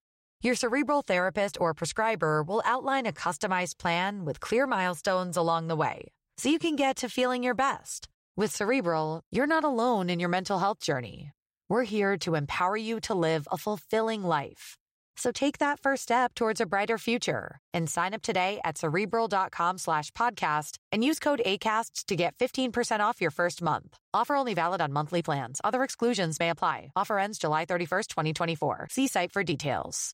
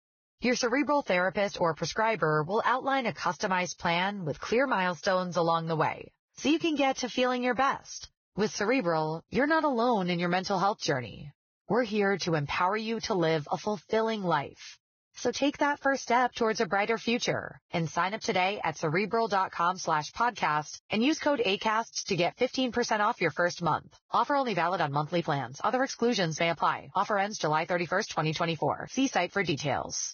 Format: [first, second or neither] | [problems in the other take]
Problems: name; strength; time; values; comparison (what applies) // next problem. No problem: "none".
first | garbled, watery; badly; nothing above 6.5 kHz